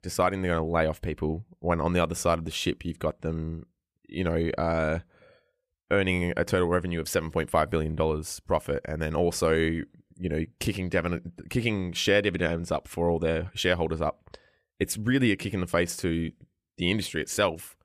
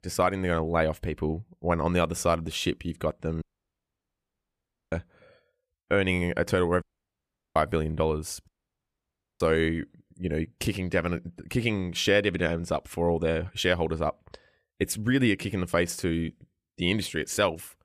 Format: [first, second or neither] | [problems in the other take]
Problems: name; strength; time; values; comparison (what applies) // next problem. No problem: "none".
first | audio cutting out; at 3.5 s for 1.5 s, at 7 s for 0.5 s and at 8.5 s for 1 s